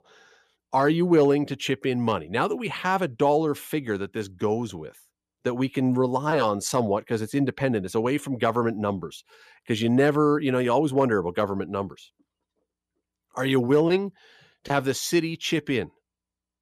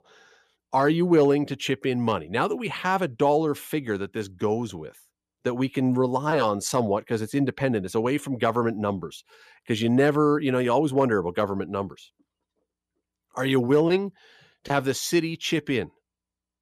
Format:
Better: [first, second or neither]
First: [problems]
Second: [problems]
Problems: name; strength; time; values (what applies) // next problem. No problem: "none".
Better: neither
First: none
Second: none